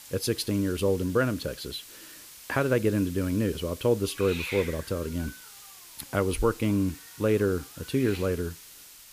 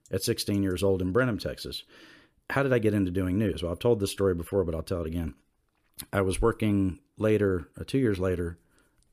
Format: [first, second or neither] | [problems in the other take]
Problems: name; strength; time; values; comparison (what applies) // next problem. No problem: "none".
second | hiss; noticeable; throughout; 15 dB below the speech